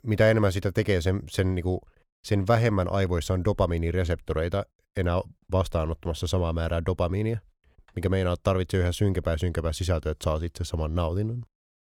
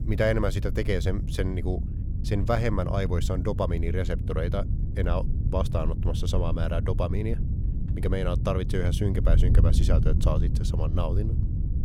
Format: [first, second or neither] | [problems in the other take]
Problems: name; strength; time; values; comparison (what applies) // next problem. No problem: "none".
first | wind noise on the microphone; occasional gusts; 10 dB below the speech